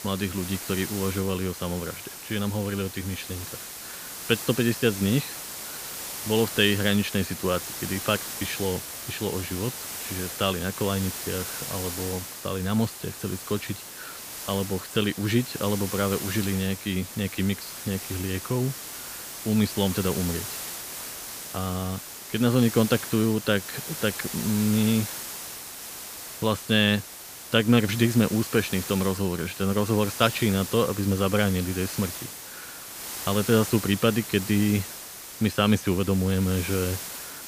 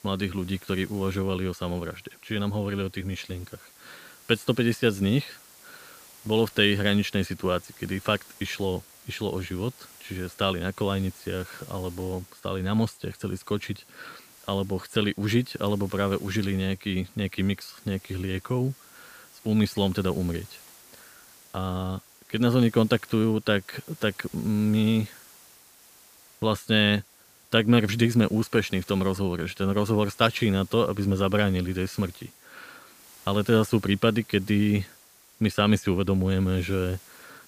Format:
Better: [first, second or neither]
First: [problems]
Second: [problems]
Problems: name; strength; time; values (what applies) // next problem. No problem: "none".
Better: second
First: hiss; loud; throughout; 8 dB below the speech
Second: hiss; faint; throughout; 25 dB below the speech